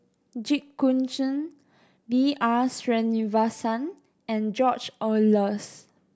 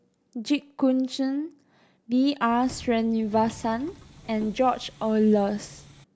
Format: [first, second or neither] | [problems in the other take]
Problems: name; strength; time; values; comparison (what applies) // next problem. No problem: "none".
first | background sound (Subway, metro, underground); 20 dB below the speech